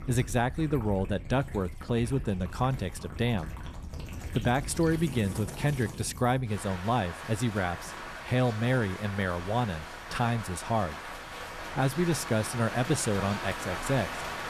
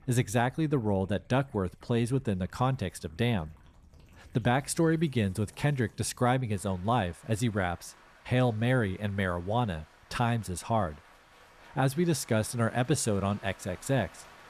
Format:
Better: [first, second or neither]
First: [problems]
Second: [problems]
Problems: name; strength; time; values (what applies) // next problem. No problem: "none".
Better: second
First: rain or running water; loud; throughout; 10 dB below the speech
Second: rain or running water; faint; throughout; 25 dB below the speech